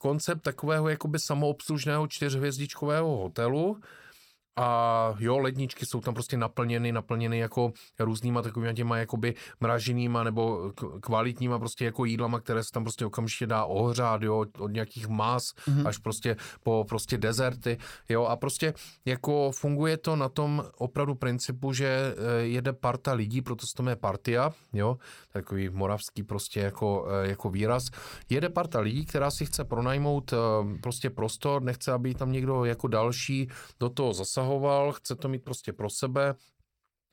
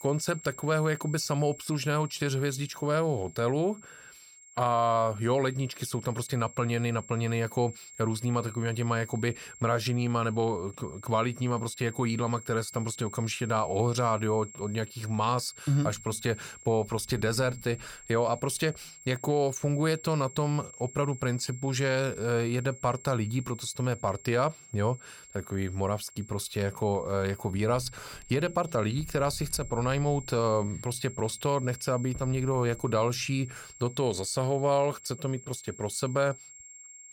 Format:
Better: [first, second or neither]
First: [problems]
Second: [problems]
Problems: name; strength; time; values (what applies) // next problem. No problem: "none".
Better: first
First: none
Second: high-pitched whine; noticeable; throughout; 7.5 kHz, 15 dB below the speech